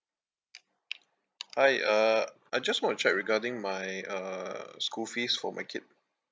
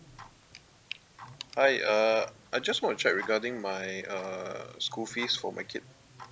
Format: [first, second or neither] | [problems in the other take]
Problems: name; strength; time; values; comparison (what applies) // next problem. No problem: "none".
first | background sound (Tick-tock); 20 dB below the speech